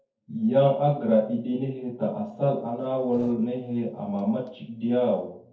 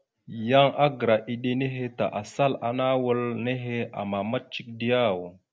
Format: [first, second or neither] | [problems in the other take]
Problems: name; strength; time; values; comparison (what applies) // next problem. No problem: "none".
second | noise reduction (neural separator model SepFormer DNS4)